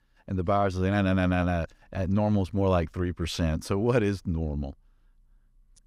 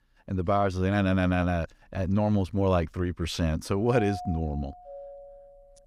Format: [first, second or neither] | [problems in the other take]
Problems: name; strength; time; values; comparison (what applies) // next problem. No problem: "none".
first | doorbell; noticeable; from 4 s on; peak 9 dB below the speech